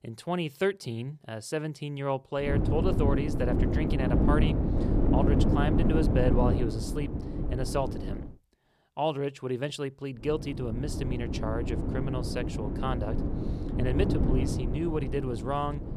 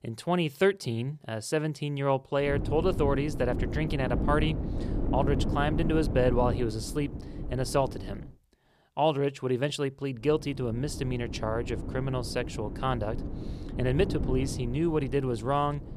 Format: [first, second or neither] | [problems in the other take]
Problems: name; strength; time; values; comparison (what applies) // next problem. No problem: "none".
second | wind noise on the microphone; heavy; from 2.5 to 8.5 s and from 10 s on; 2 dB below the speech; occasional gusts in the second